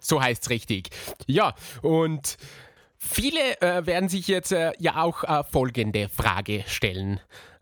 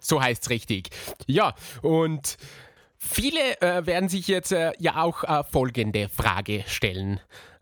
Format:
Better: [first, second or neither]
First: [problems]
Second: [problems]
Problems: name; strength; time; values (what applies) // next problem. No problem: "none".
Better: neither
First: none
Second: none